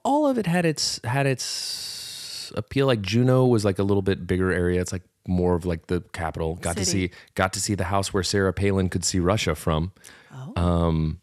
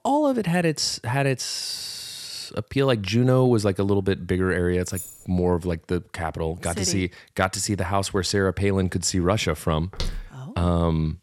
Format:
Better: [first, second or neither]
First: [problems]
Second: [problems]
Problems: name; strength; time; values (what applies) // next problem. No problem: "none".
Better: first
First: none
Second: jangling keys; faint; at 5 s; peak 10 dB below the speech // footsteps; noticeable; at 10 s; peak 9 dB below the speech